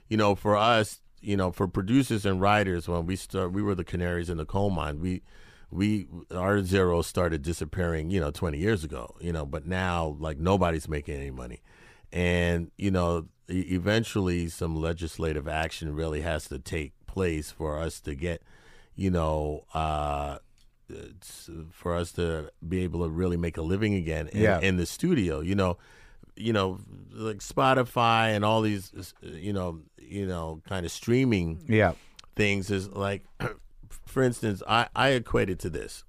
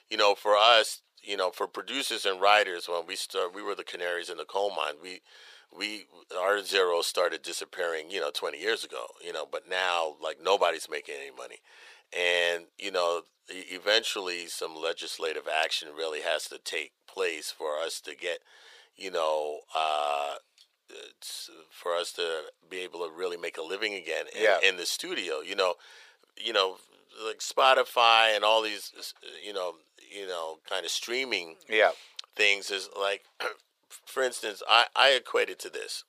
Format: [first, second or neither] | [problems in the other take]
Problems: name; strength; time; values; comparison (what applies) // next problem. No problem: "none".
first | thin; very; fading below 500 Hz